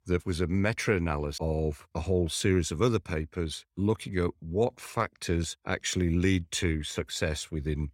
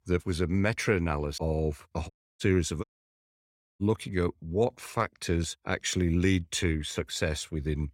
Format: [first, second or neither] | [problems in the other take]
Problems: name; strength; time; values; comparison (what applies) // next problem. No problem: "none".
first | audio cutting out; at 2 s and at 3 s for 1 s